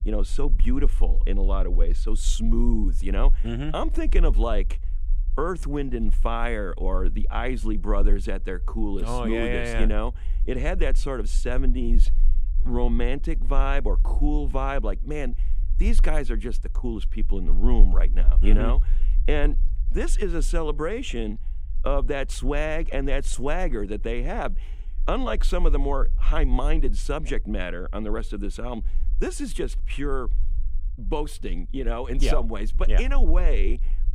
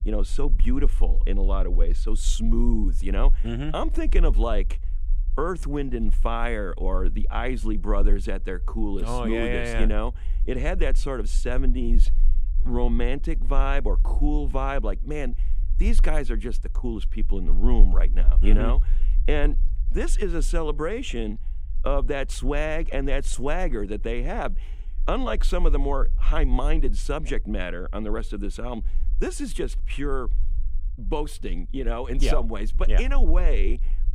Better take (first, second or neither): neither